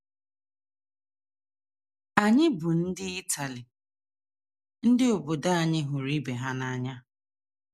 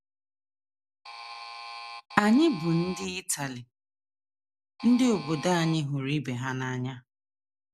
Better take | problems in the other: first | background sound (Alarm); 13 dB below the speech

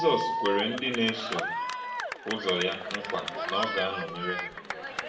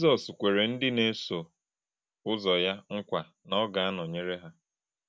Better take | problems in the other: second | background sound (Cheering); 2 dB below the speech // room echo; dies away in 0.7 s

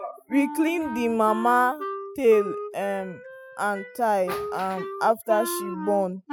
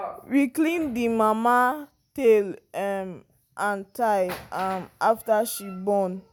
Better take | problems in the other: second | noise reduction (classical method spectral subtraction)

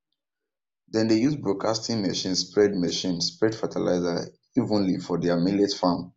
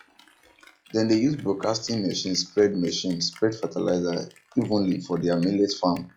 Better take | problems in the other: first | noise reduction (classical method log-MMSE)

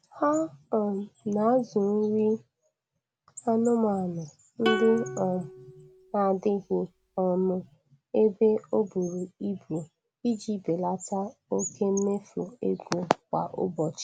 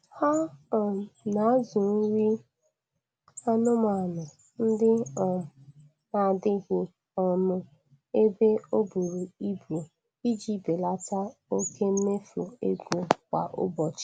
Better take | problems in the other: second | background sound (Plucked string instrument); 9 dB below the speech

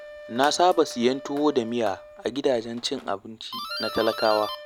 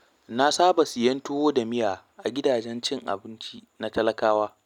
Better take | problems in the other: second | background sound (Doorbell + Wind instrument, woodwind instrument); 12 dB below the speech

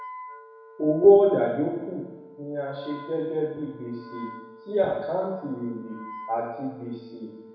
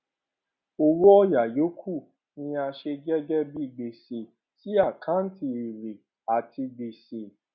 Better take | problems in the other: second | background sound (Wind instrument, woodwind instrument); 19 dB below the speech // room echo; dies away in 1 s

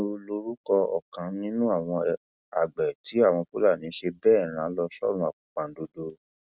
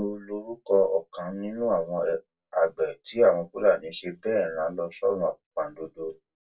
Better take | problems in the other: first | room echo; dies away in 0.1 s

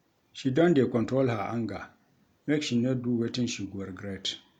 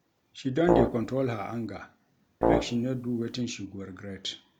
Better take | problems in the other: first | background sound (Brass instrument); 2 dB above the speech

